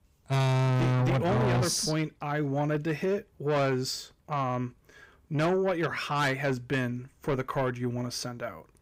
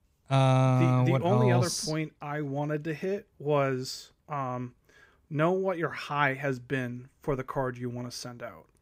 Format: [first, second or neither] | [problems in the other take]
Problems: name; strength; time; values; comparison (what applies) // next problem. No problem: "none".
second | distortion; heavy; 7 dB below the speech